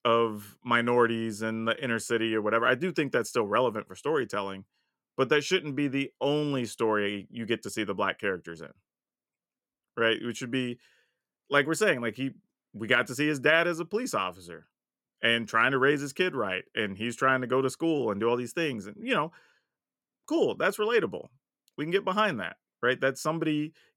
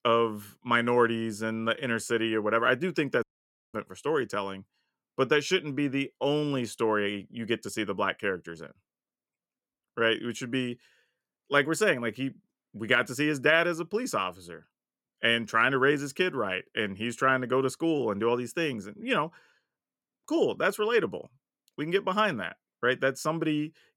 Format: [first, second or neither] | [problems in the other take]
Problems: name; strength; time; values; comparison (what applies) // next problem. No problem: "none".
first | audio cutting out; at 3 s for 0.5 s